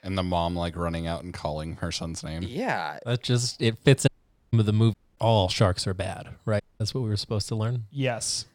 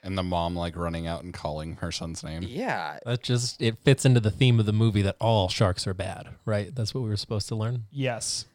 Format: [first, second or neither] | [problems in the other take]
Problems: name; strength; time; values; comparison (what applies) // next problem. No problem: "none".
second | audio cutting out; at 4 s, at 5 s and at 6.5 s